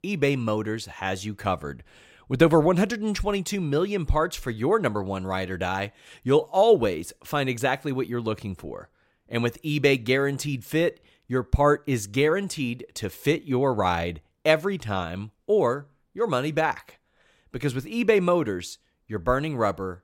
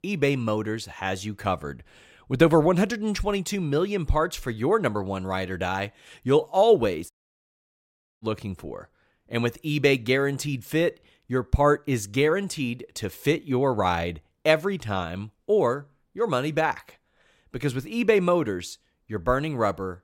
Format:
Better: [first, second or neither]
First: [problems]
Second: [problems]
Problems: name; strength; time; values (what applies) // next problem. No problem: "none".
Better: first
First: none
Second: audio cutting out; at 7 s for 1 s